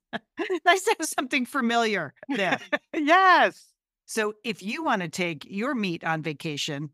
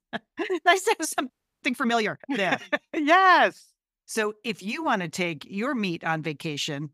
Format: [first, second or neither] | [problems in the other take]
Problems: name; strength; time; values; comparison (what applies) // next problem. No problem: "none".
first | audio freezing; at 1.5 s